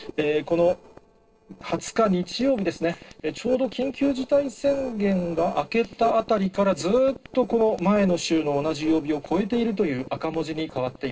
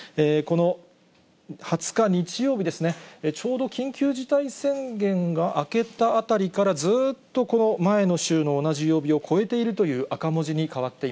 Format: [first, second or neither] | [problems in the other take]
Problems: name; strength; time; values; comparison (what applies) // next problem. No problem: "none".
second | noise reduction (neural separator model SepFormer DNS4)